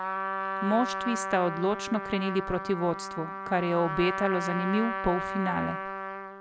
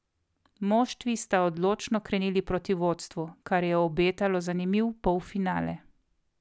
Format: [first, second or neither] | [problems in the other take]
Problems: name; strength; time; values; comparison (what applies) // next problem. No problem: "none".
second | background sound (Trumpet); 4 dB below the speech